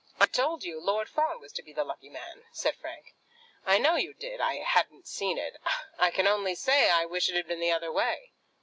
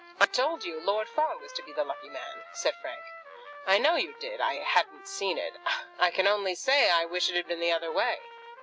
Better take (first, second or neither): first